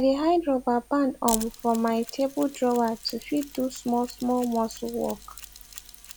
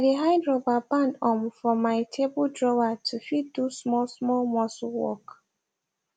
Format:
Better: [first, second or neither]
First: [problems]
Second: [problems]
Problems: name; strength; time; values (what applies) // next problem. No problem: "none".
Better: second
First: background sound (Mechanisms); 15 dB below the speech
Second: none